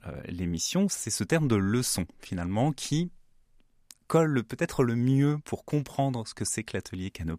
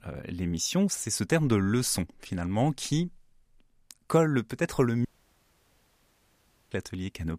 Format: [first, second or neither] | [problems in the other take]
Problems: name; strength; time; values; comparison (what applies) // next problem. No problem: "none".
first | audio cutting out; at 5 s for 1.5 s